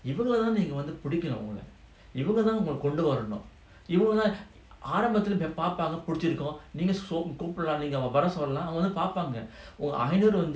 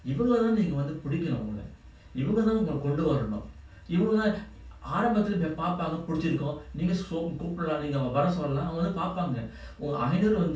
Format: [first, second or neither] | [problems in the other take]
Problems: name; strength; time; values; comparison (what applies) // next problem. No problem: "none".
first | room echo; dies away in 0.2 s